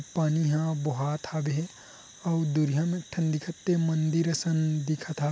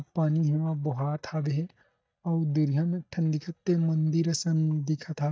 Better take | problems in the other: first | noise reduction (neural mask model DeepFilterNet 3)

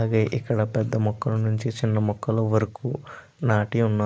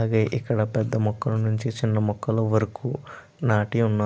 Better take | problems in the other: second | noise reduction (neural mask model Resemble Enhance denoiser)

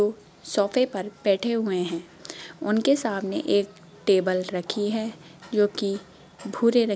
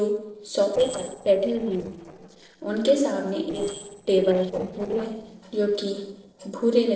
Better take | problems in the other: first | noise reduction (neural separator model SepFormer DNS4)

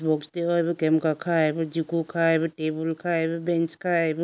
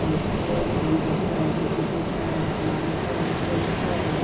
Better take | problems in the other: first | background sound (Ocean); 4 dB above the speech // room echo; dies away in 0.4 s

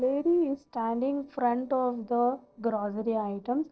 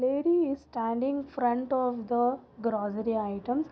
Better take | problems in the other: second | noise reduction (neural separator model SepFormer DNS4)

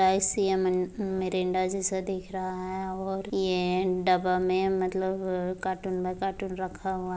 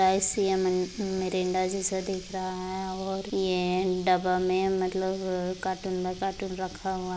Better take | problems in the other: first | background sound (Water tap, faucet); 19 dB below the speech

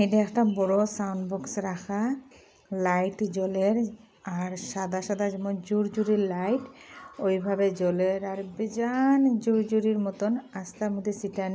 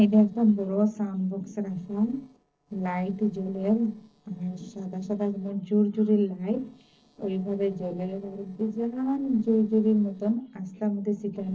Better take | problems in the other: first | noise reduction (neural separator model SepFormer DNS4)

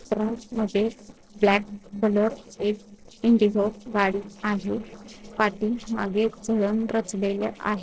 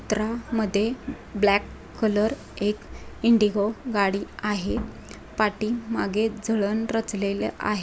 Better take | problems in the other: second | noise reduction (neural separator model SepFormer DNS4)

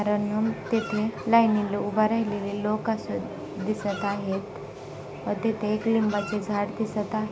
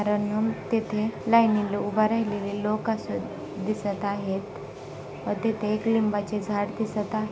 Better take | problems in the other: second | background sound (Chicken, rooster); 16 dB below the speech

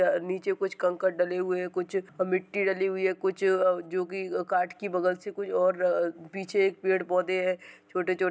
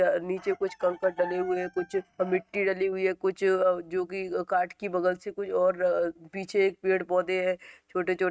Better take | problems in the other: first | noise reduction (neural mask model RNNoise)

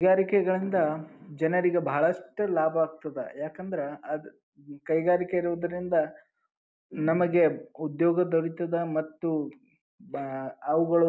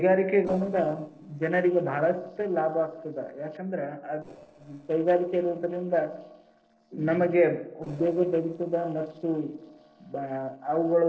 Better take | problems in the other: first | noise reduction (neural separator model SepFormer DNS4)

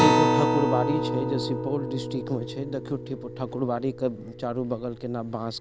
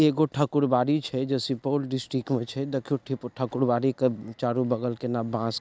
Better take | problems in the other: second | background sound (Acoustic guitar); 1 dB above the speech

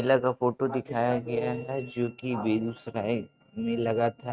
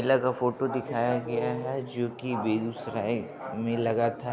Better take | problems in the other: second | noise reduction (neural mask model RNNoise)

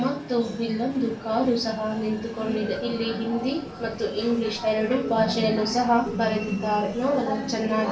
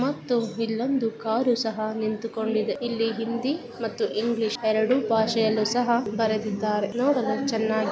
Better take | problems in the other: second | background sound (Train); 17 dB below the speech // room echo; dies away in 0.3 s

